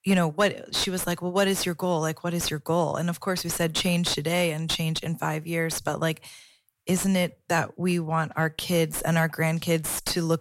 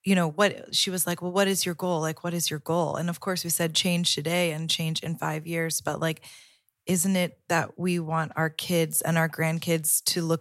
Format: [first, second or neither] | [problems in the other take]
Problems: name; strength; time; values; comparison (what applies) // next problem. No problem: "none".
second | distortion; slight; 9 dB below the speech